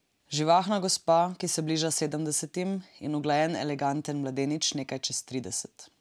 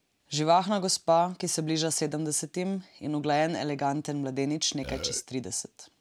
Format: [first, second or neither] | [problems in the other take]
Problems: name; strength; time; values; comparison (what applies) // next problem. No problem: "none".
first | background sound (Burping, eructation); 9 dB below the speech